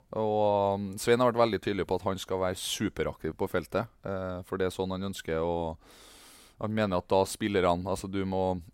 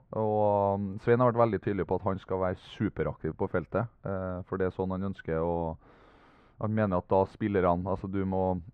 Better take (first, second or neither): first